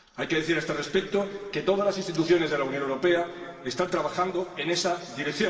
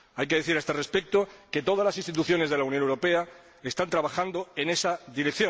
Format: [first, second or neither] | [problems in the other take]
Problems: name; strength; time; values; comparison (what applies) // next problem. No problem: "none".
second | room echo; dies away in 2.6 s